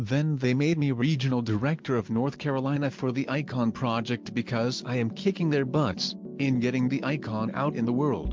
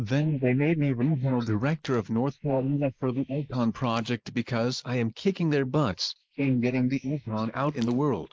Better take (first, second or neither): first